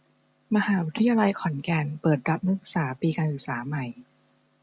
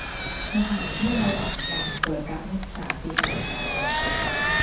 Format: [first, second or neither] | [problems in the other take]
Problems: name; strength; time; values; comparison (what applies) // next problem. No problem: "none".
first | background sound (Engine); 3 dB above the speech // room echo; dies away in 0.6 s